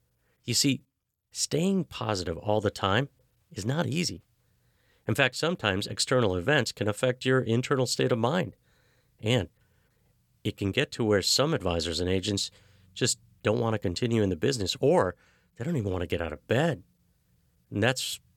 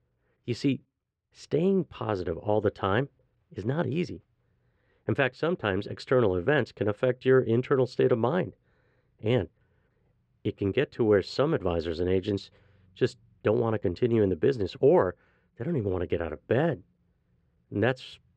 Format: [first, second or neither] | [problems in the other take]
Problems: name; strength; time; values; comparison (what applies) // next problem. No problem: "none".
first | muffled; very; fading above 2 kHz